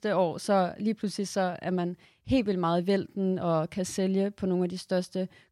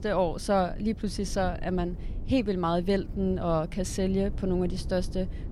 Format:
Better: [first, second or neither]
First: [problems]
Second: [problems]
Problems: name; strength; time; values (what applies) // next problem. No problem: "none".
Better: first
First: none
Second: low rumble; faint; throughout; 20 dB below the speech